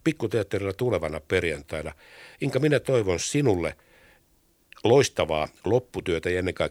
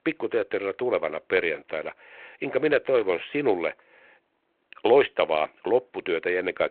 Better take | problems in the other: first | phone-call audio

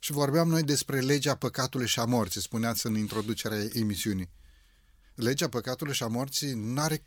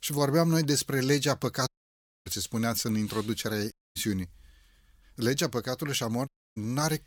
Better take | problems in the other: first | audio cutting out; at 1.5 s for 0.5 s, at 3.5 s and at 6.5 s

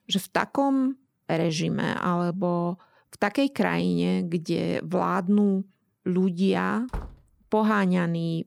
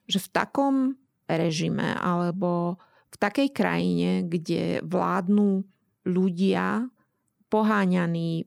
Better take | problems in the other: second | door banging; faint; at 7 s; peak 15 dB below the speech

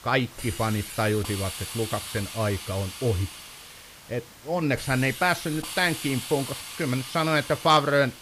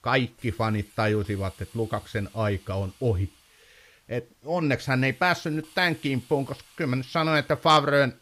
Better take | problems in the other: second | hiss; loud; throughout; 10 dB below the speech; faint in the second

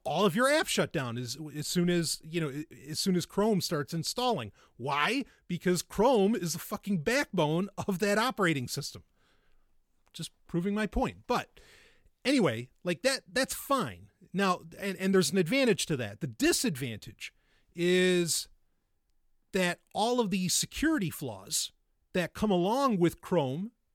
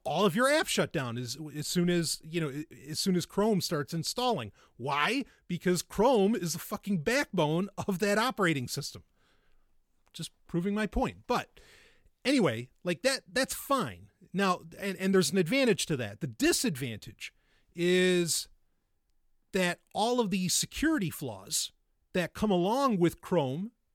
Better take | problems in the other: neither | none

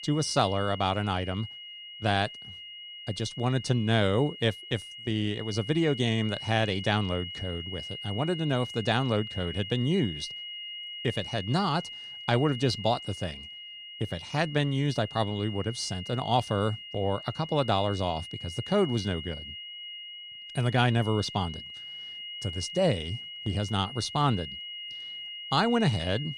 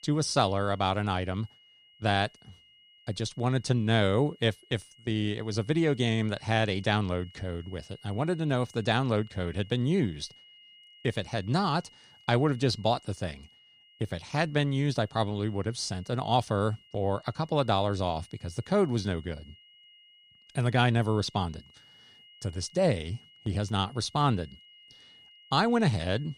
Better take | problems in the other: second | high-pitched whine; loud; throughout; 3 kHz, 10 dB below the speech; faint in the second

